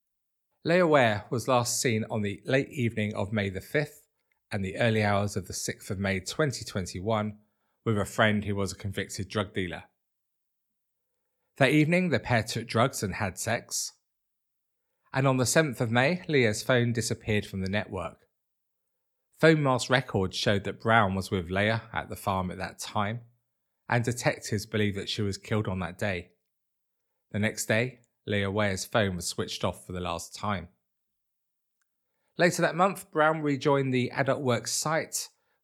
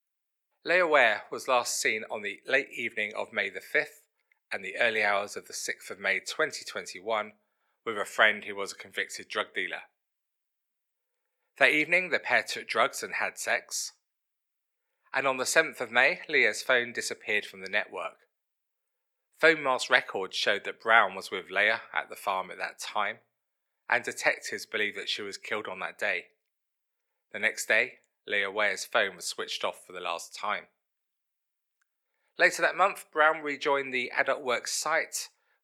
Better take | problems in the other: first | thin; very; fading below 500 Hz

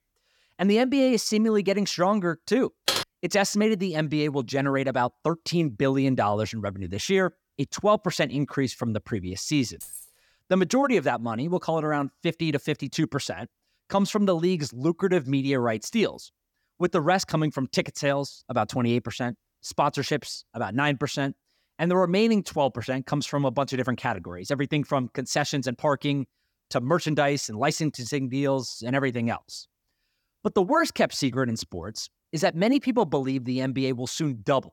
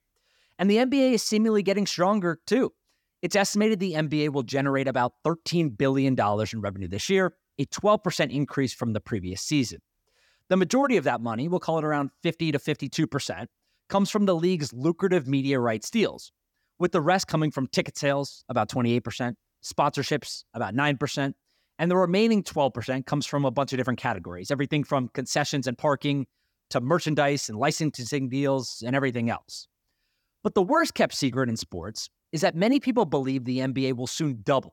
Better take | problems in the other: second | keyboard typing; loud; at 3 s; peak level with the speech // jangling keys; faint; at 10 s; peak 15 dB below the speech

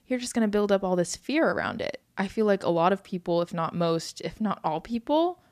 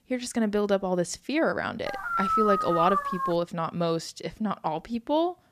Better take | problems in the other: first | dog barking; loud; from 2 to 3.5 s; peak 3 dB above the speech

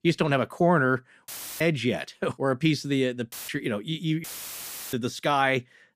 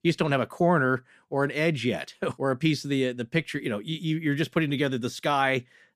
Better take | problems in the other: second | audio cutting out; filled with static; at 1.5 s, at 3.5 s and at 4 s for 0.5 s

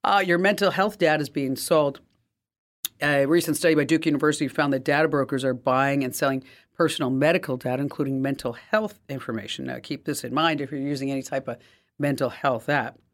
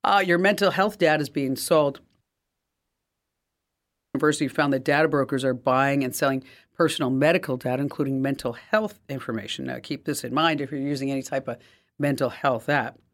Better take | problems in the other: first | audio cutting out; at 2 s for 2 s

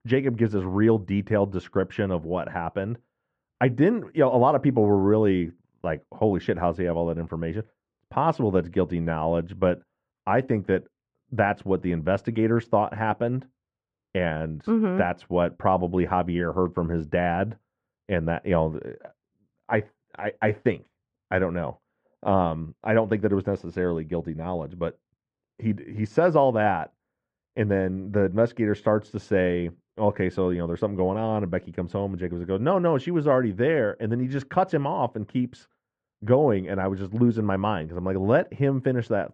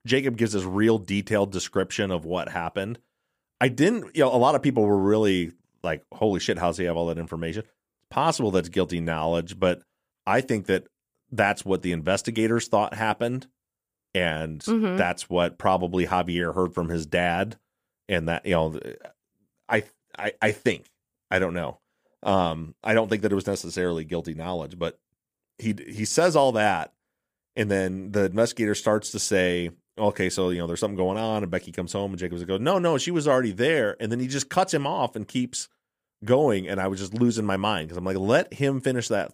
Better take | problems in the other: second | muffled; very; fading above 1.5 kHz

